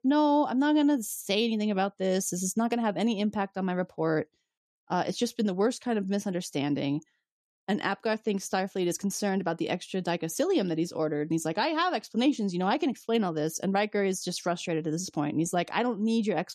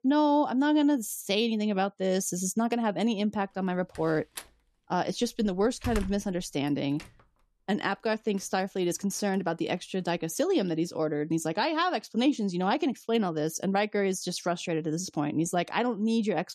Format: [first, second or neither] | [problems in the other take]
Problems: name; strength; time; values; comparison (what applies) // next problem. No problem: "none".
first | door banging; noticeable; from 4 to 7 s; peak 8 dB below the speech